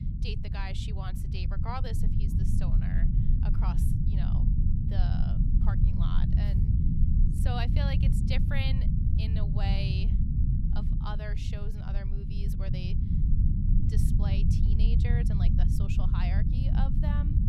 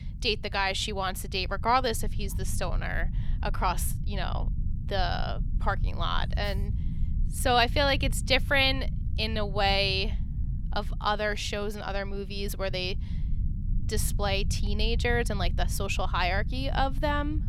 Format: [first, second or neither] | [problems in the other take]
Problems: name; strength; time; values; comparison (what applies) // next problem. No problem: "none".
second | low rumble; loud; throughout; as loud as the speech; faint in the second